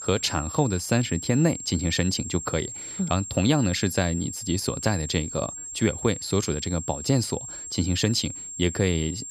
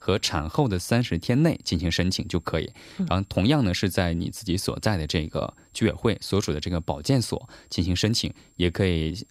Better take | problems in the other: second | high-pitched whine; loud; throughout; 7.5 kHz, 8 dB below the speech; faint in the second

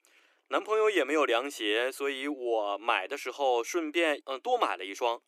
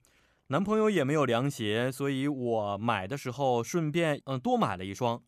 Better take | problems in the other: second | thin; somewhat; fading below 300 Hz

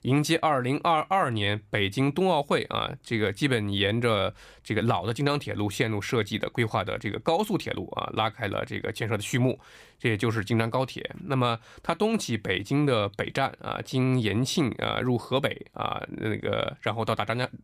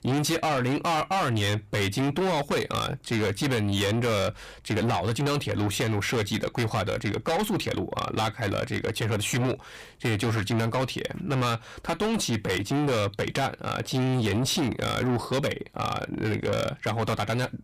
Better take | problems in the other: first | distortion; heavy; 6 dB below the speech

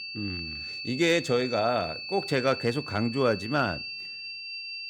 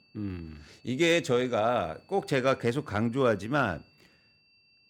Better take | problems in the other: second | high-pitched whine; loud; throughout; 2.5 kHz, 8 dB below the speech; faint in the second

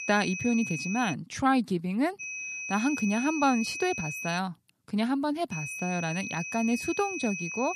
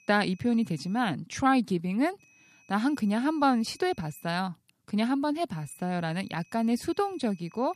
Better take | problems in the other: second | high-pitched whine; loud; until 1 s, from 2 to 4.5 s and from 5.5 s on; 2.5 kHz, 5 dB below the speech; faint in the second

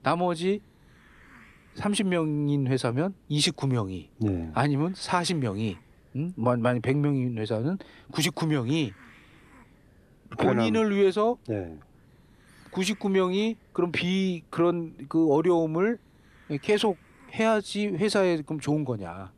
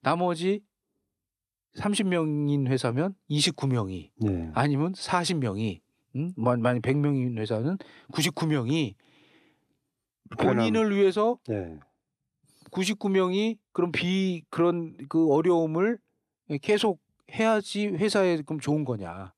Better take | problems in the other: second | hiss; faint; throughout; 30 dB below the speech

